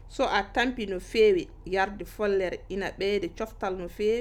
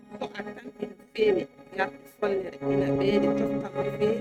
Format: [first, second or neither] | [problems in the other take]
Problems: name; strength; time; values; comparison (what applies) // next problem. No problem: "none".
first | noise reduction (neural mask model RNNoise)